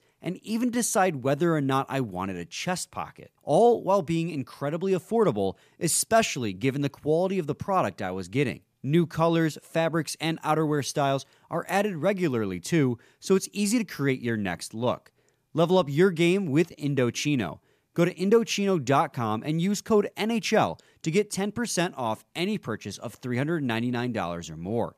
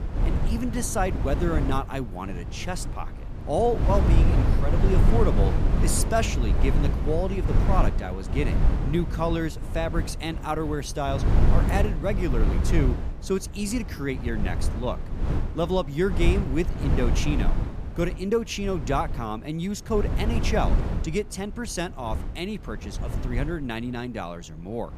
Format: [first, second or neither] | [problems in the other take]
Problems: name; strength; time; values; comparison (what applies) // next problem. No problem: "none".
first | wind noise on the microphone; heavy; 7 dB below the speech